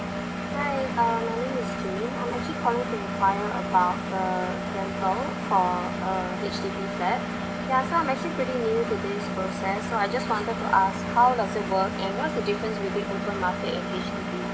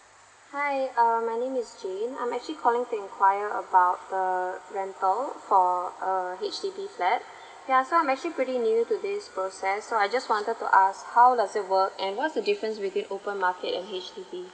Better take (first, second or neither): second